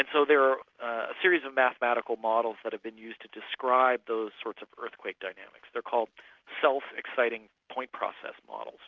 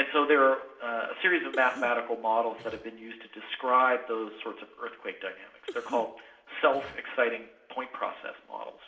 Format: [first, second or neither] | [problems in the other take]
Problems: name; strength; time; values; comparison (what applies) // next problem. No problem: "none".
first | background sound (Cough); 17 dB below the speech // room echo; dies away in 1.7 s